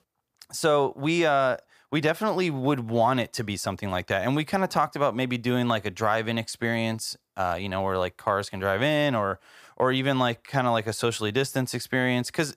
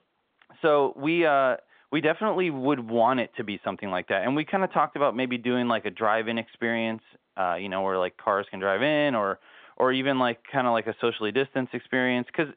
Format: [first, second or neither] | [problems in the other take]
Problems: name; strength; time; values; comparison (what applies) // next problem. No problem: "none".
first | phone-call audio; nothing above 3.5 kHz